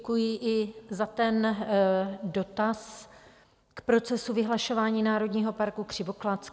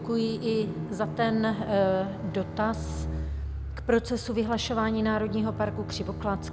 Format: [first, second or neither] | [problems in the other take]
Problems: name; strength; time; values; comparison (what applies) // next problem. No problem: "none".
first | background sound (Bowed string instrument + Car); 6 dB below the speech